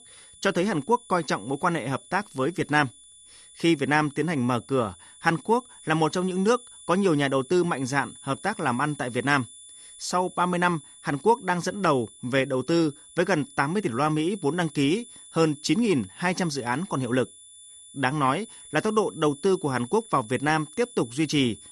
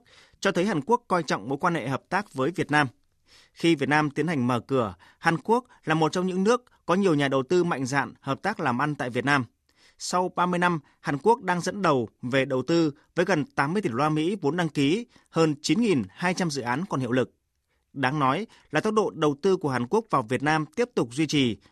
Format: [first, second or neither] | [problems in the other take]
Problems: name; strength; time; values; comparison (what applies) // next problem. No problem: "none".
second | high-pitched whine; noticeable; throughout; 10 kHz, 20 dB below the speech